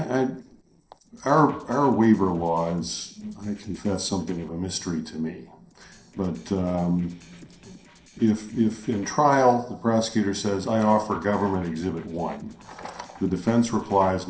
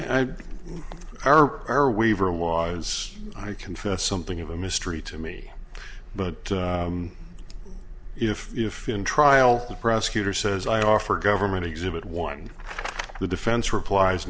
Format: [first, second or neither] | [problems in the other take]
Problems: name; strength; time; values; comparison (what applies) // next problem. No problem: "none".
second | noise reduction (neural separator model SepFormer DNS4)